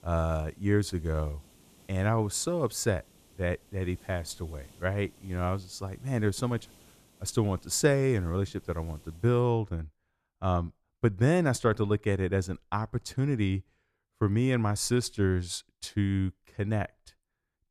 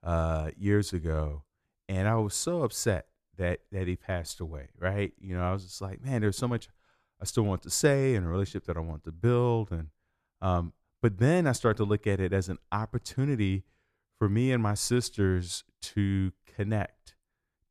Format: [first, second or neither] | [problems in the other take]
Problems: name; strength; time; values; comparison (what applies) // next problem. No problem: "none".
second | hiss; faint; until 9.5 s; 30 dB below the speech